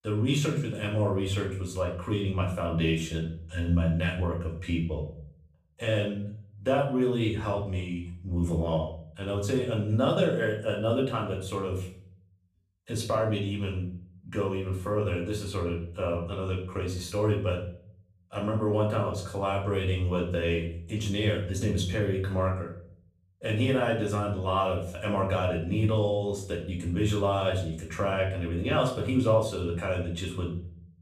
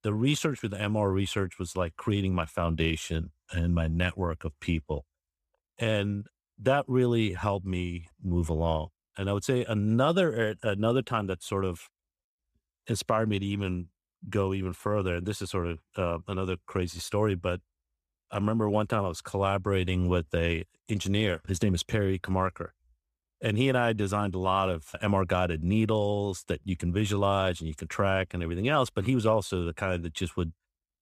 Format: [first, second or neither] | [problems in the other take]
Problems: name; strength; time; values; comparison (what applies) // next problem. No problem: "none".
second | room echo; slight; dies away in 0.5 s // off-mic speech; far